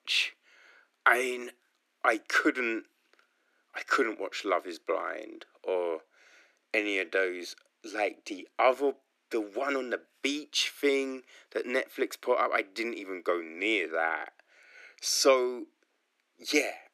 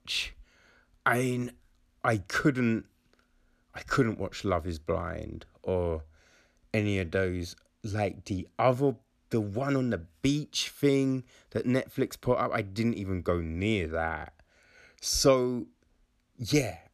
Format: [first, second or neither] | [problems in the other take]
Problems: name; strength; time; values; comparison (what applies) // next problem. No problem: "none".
second | thin; somewhat; fading below 300 Hz